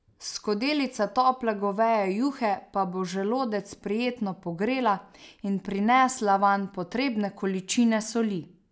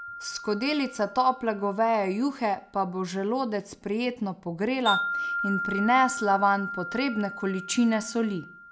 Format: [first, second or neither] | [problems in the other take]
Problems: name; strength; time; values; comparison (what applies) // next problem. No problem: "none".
first | background sound (Wind chime); 9 dB below the speech